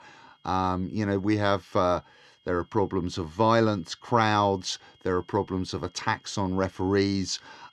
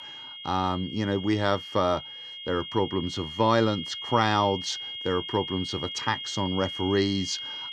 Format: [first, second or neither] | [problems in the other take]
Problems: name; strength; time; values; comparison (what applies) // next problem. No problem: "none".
first | high-pitched whine; loud; throughout; 3.5 kHz, 7 dB below the speech; faint in the first